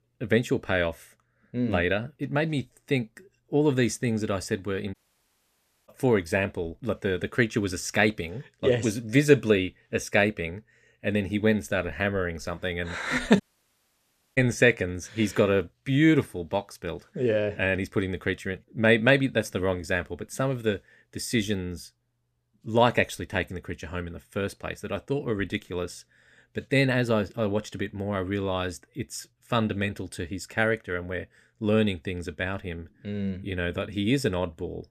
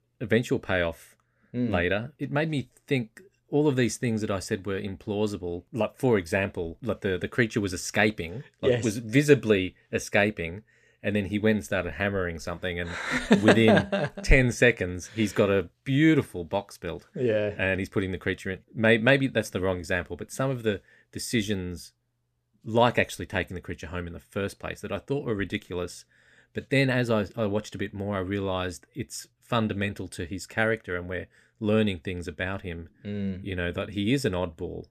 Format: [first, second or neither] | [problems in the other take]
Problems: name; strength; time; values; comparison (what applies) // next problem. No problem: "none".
second | audio cutting out; at 5 s for 1 s and at 13 s for 1 s